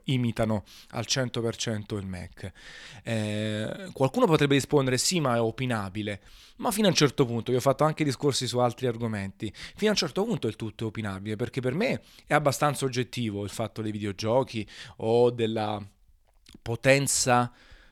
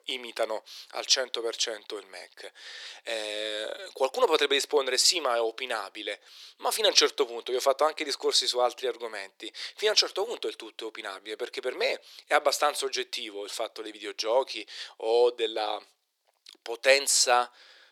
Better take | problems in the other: first | thin; very; fading below 400 Hz

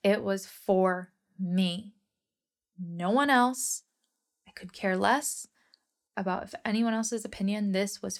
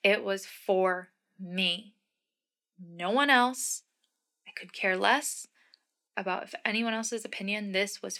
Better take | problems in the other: first | thin; very slightly; fading below 300 Hz

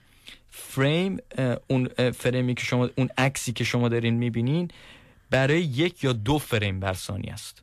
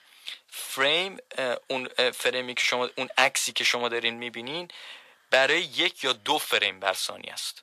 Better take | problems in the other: first | thin; very; fading below 750 Hz

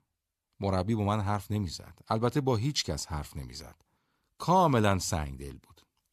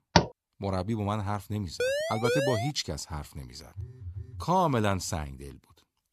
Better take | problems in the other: first | door banging; loud; at the start; peak 5 dB above the speech // siren; loud; at 2 s; peak 3 dB above the speech // phone ringing; faint; at 4 s; peak 10 dB below the speech

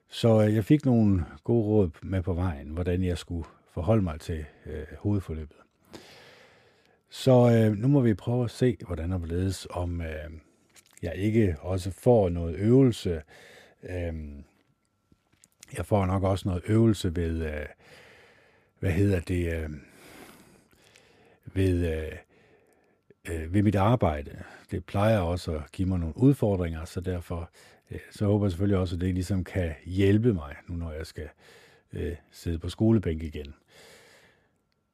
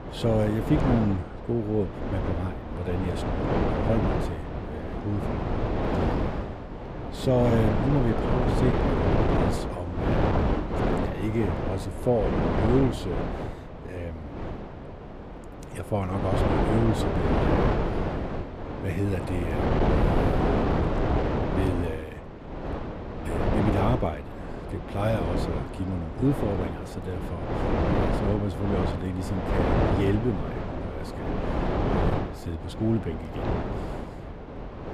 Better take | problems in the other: first | wind noise on the microphone; heavy; 2 dB above the speech

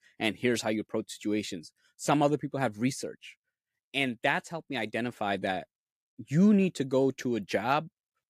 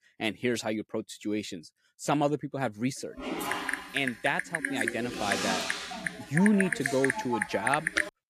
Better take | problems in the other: first | keyboard typing; loud; from 3 s on; peak 3 dB above the speech

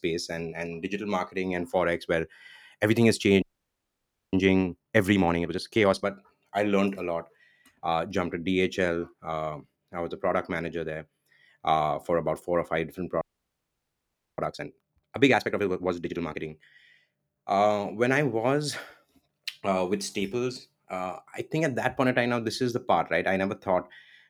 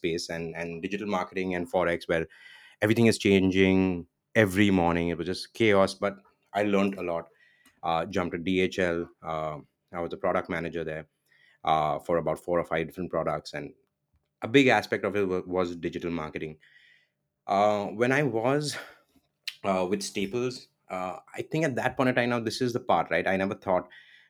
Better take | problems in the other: second | audio freezing; at 3.5 s for 1 s and at 13 s for 1 s

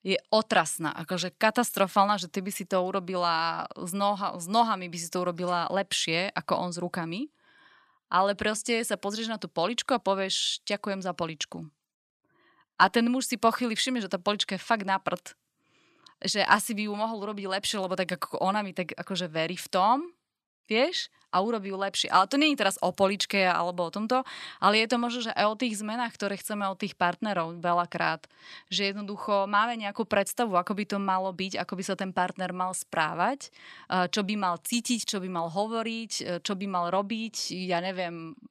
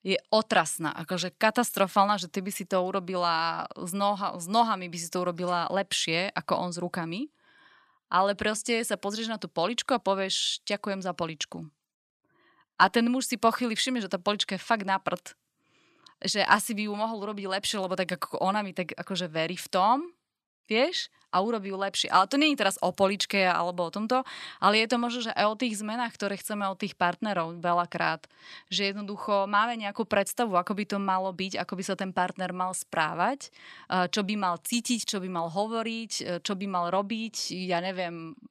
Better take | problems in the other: neither | none

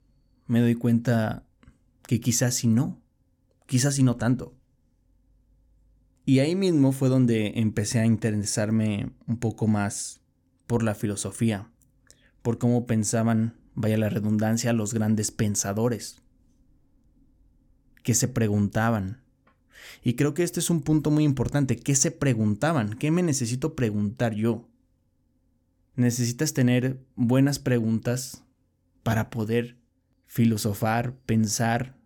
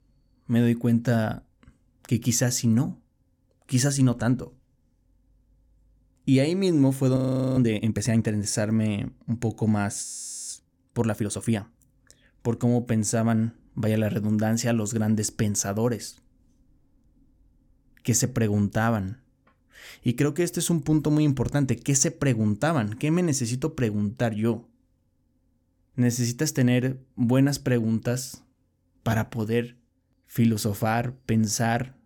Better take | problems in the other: first | audio freezing; at 7 s and at 10 s

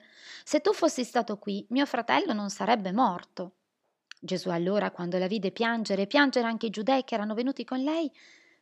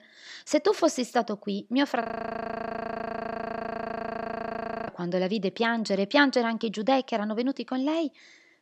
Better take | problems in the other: first | audio freezing; at 2 s for 3 s

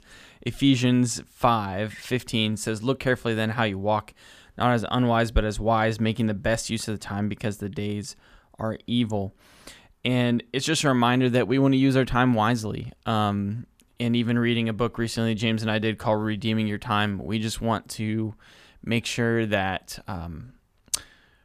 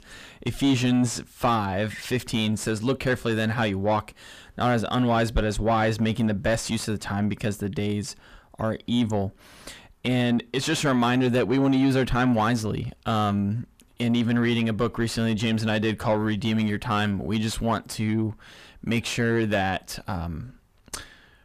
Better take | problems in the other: first | distortion; slight; 9 dB below the speech

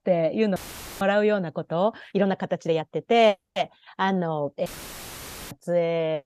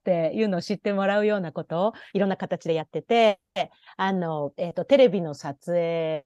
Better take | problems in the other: second | audio cutting out; filled with static; at 0.5 s and at 4.5 s for 1 s

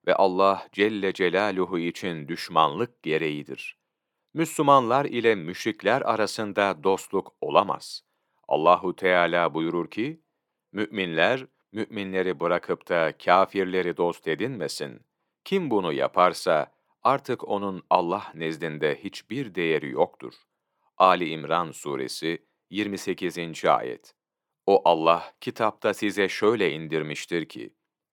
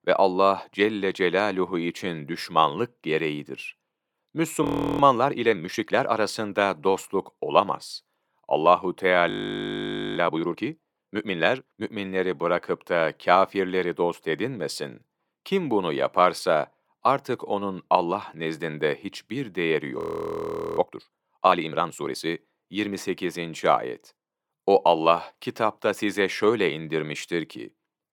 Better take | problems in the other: first | audio freezing; at 4.5 s, at 9.5 s for 1 s and at 20 s for 1 s

